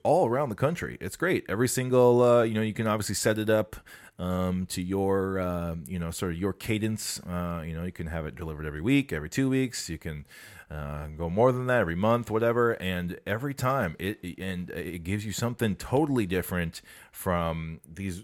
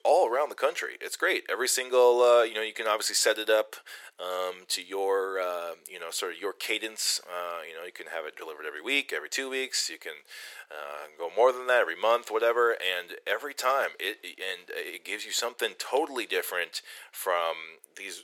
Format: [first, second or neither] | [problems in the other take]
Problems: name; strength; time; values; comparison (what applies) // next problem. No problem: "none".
first | thin; very; fading below 400 Hz